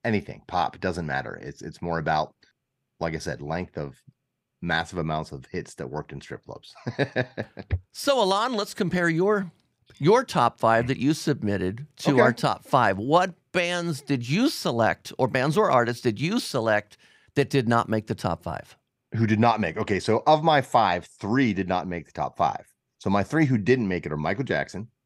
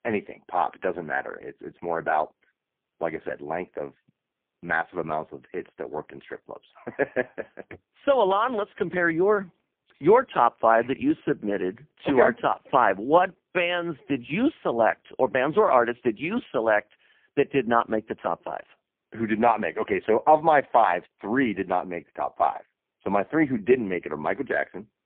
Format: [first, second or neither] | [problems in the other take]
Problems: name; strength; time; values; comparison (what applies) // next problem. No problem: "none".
first | phone-call audio; poor line